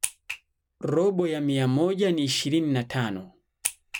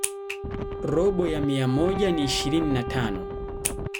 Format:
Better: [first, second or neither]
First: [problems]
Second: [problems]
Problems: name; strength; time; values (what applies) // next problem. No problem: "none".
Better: first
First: none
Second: background sound (Wind + Wind instrument, woodwind instrument); 5 dB below the speech